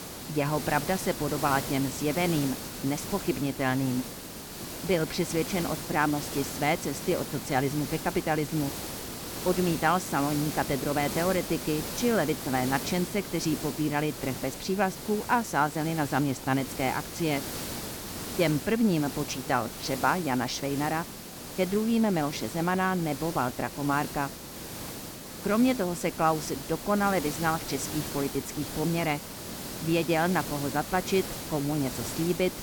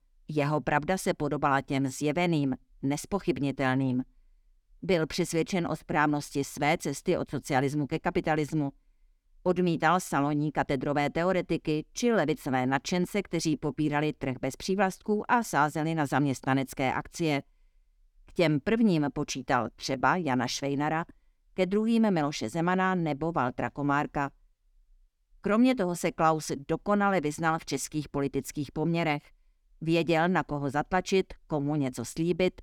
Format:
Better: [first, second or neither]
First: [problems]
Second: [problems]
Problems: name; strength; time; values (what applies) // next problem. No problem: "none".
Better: second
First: hiss; loud; throughout; 7 dB below the speech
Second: none